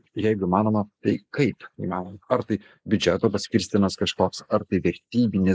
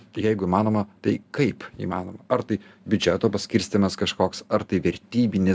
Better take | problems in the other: second | noise reduction (neural mask model Resemble Enhance denoiser)

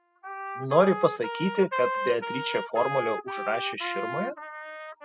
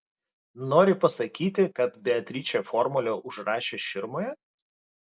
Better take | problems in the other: second | noise reduction (classical method spectral subtraction)

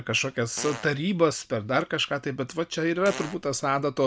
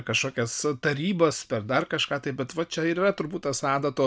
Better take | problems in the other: second | background sound (Fart); 13 dB below the speech

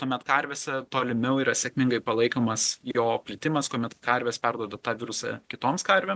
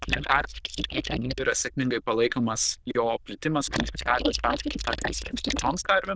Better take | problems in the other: first | noise reduction (neural diffusion model UNIVERSE++)

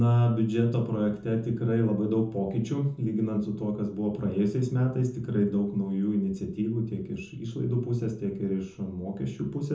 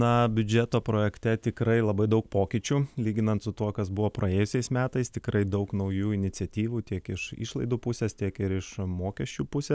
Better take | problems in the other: second | room echo; dies away in 0.5 s

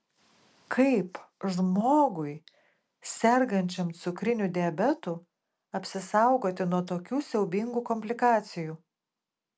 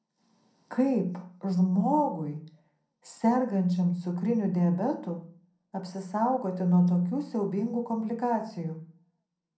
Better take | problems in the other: first | room echo; dies away in 0.6 s

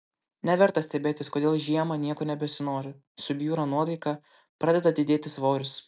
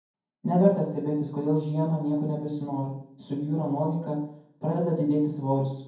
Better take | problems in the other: first | room echo; dies away in 0.9 s

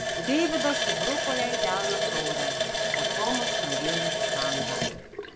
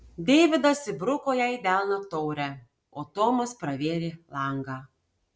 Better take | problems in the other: second | background sound (Water tap, faucet); 4 dB above the speech

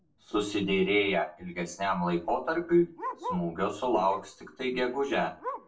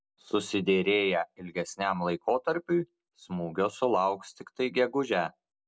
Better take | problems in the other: second | background sound (Bark); 14 dB below the speech // room echo; dies away in 0.3 s

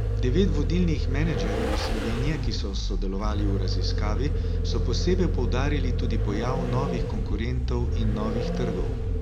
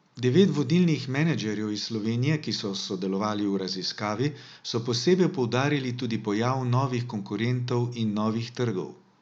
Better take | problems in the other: second | background sound (Vehicle); 5 dB above the speech

